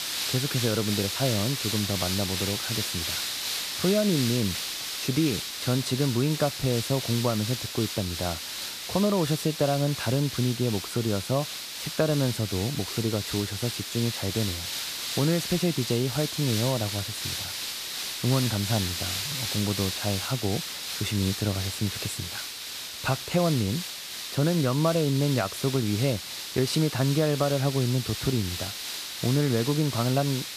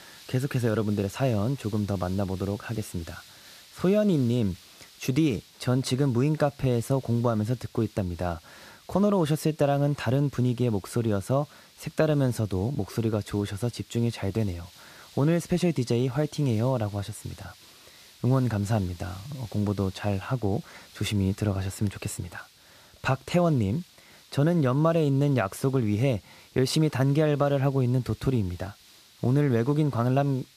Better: second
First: hiss; loud; throughout; 3 dB below the speech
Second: hiss; faint; throughout; 25 dB below the speech

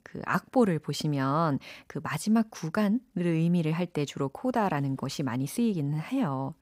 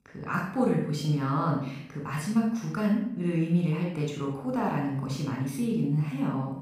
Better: first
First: none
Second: off-mic speech; somewhat distant // room echo; noticeable; dies away in 0.6 s

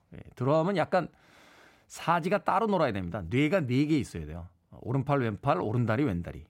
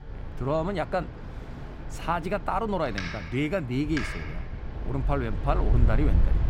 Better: first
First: none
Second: wind in the background; loud; throughout; 3 dB below the speech

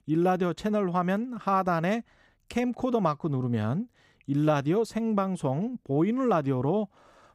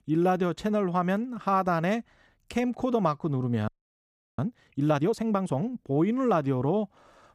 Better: first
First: none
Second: audio freezing; at 3.5 s for 0.5 s

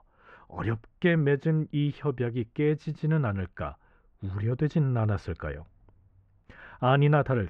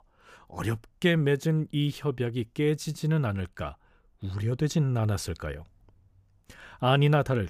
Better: second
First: muffled; very; fading above 2 kHz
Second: none

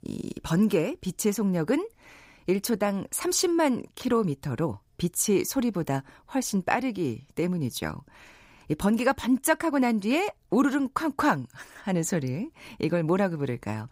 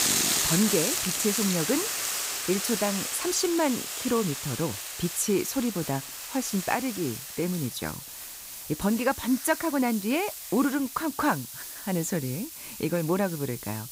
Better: first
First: none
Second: hiss; loud; throughout; 2 dB below the speech

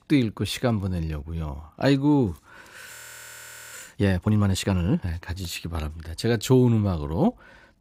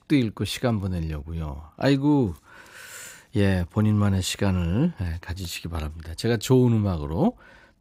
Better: second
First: audio freezing; at 3 s for 1 s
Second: none

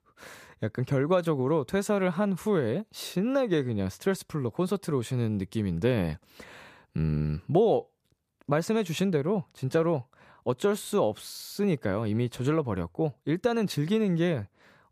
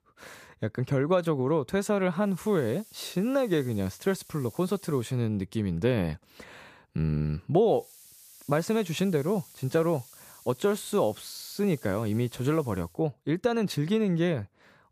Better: first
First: none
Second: hiss; faint; from 2.5 to 5 s and from 8 to 13 s; 20 dB below the speech

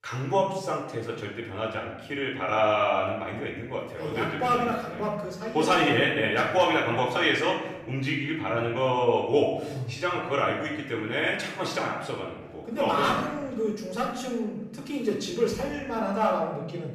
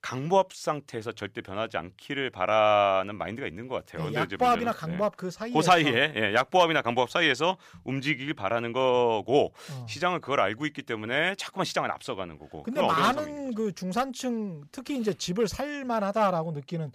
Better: second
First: off-mic speech; far // room echo; noticeable; dies away in 1 s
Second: none

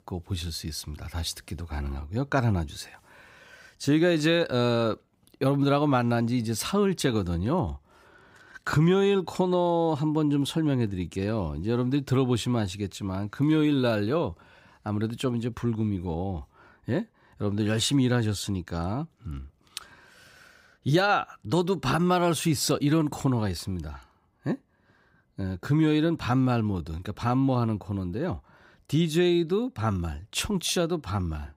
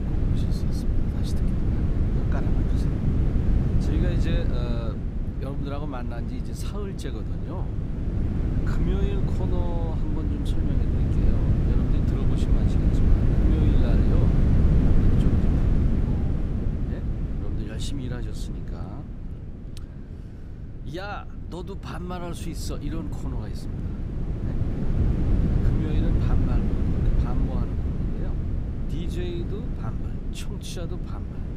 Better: first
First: none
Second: wind noise on the microphone; heavy; 3 dB above the speech

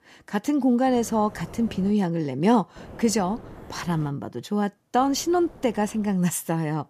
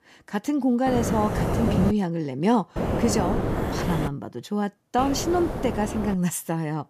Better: first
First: wind noise on the microphone; occasional gusts; from 1 to 2 s, from 3 to 4 s and from 5 to 6 s; 20 dB below the speech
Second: wind noise on the microphone; heavy; from 1 to 2 s, from 3 to 4 s and from 5 to 6 s; 3 dB below the speech

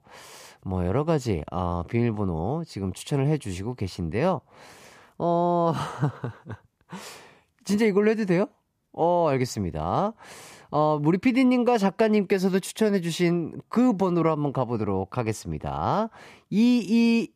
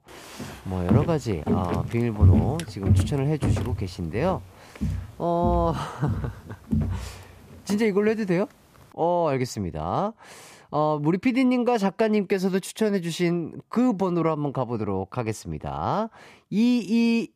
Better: first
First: none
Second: footsteps; loud; from 1 to 7 s; peak 6 dB above the speech

